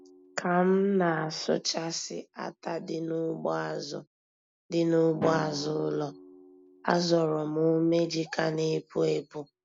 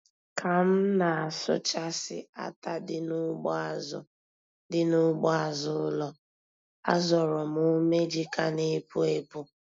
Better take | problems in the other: second | background sound (Drum); 18 dB below the speech

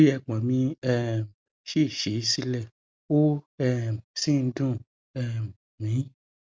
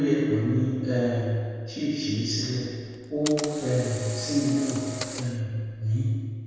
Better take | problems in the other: first | background sound (Camera); 12 dB below the speech // room echo; dies away in 1.9 s

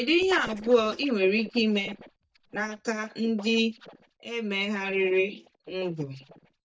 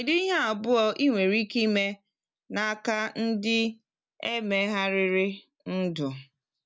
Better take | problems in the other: second | noise reduction (neural mask model DeepFilterNet 3)

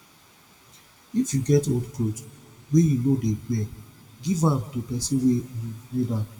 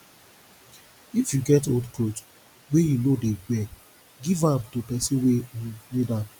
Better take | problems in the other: second | room echo; dies away in 1 s

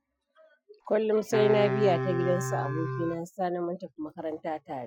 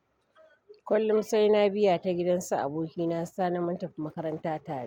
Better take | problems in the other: second | noise reduction (classical method Wiener filter)

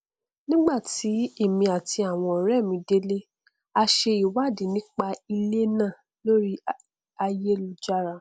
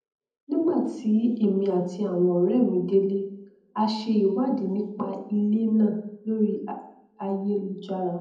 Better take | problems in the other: first | room echo; dies away in 0.8 s

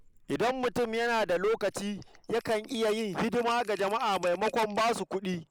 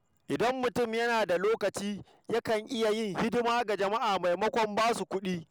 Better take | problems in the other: second | noise reduction (neural mask model Resemble Enhance denoiser)

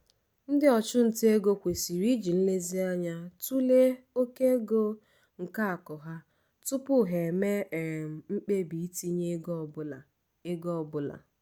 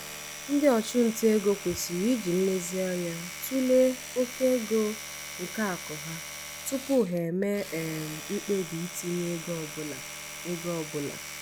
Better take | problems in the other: first | background sound (Domestic sounds, home sounds); 11 dB below the speech

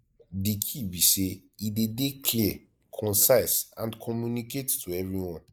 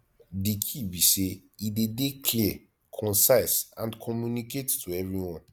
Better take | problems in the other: second | noise reduction (neural mask model Resemble Enhance denoiser)

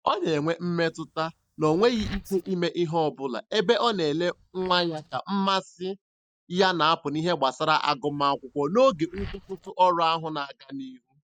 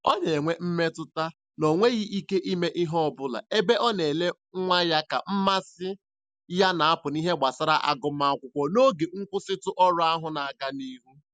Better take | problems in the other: second | noise reduction (neural mask model DeepFilterNet 3)

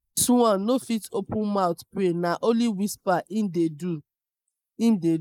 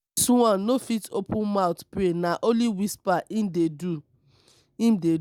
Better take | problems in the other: second | noise reduction (neural mask model Resemble Enhance denoiser)

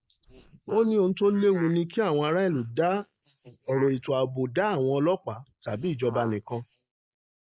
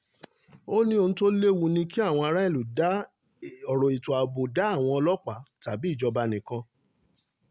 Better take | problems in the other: second | noise reduction (neural mask model Resemble Enhance denoiser)

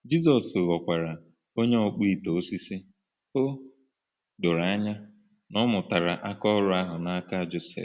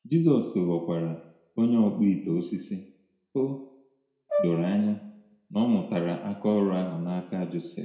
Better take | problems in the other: first | background sound (Brass instrument); 6 dB below the speech // room echo; dies away in 0.6 s

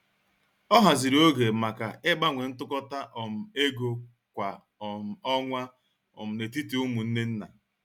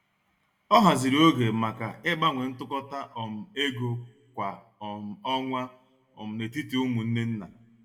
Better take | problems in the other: first | room echo; dies away in 0.7 s

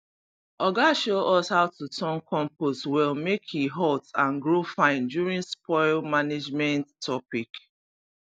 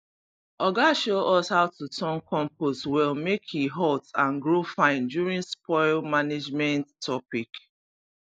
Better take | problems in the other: first | noise reduction (neural mask model Resemble Enhance denoiser)

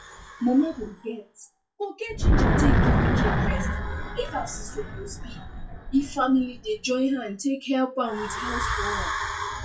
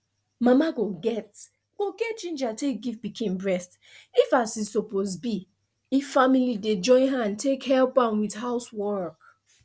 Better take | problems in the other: second | noise reduction (classical method WPE with log-MMSE)

